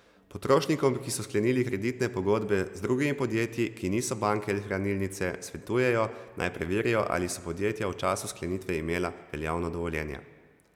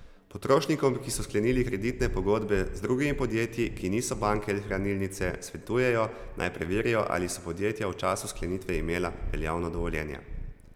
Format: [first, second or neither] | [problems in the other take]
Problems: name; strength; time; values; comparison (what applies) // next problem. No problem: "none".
first | background sound (Purr); 10 dB below the speech